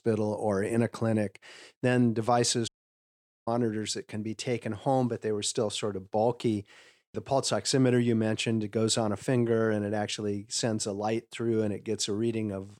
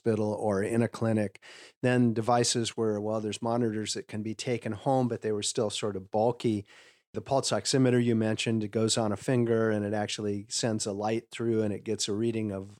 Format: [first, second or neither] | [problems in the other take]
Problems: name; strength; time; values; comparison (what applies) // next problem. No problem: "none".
second | audio cutting out; at 2.5 s for 1 s